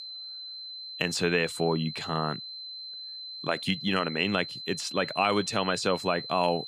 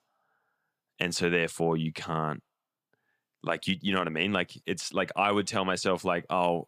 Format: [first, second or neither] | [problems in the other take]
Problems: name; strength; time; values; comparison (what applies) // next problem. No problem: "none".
second | high-pitched whine; loud; throughout; 4 kHz, 9 dB below the speech